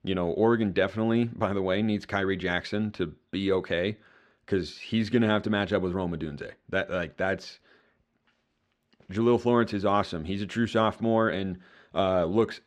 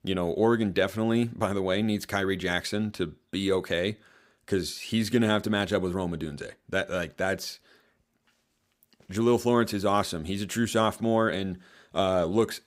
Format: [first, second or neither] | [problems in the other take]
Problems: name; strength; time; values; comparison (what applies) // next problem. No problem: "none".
second | muffled; very slightly; fading above 3.5 kHz